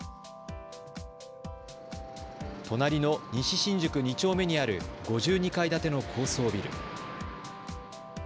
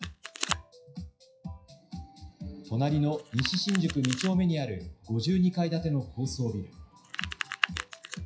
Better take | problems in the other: first | noise reduction (classical method WPE with log-MMSE)

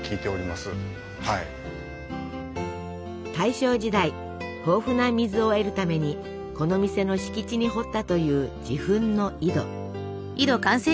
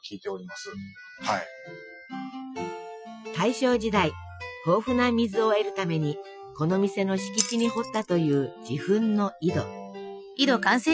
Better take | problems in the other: first | noise reduction (classical method Wiener filter)

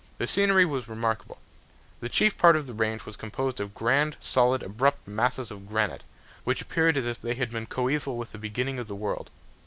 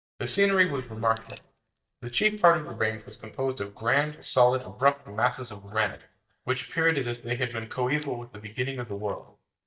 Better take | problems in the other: first | noise reduction (neural mask model DeepFilterNet 3)

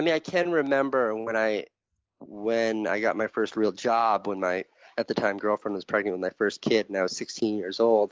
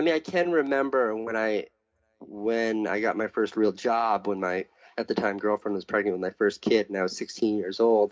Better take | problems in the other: first | room echo; dies away in 0.3 s

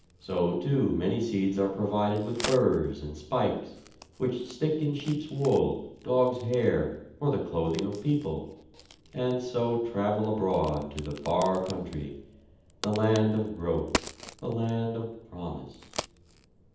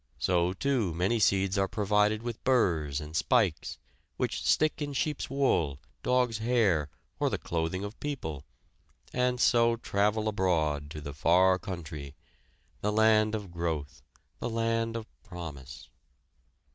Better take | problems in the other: second | background sound (Crack); 15 dB below the speech // room echo; dies away in 0.8 s

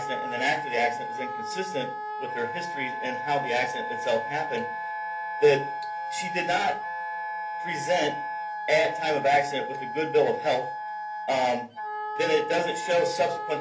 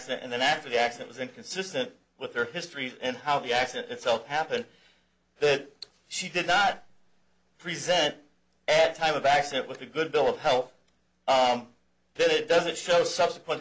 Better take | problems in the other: second | background sound (Wind instrument, woodwind instrument); 5 dB below the speech // room echo; dies away in 0.3 s

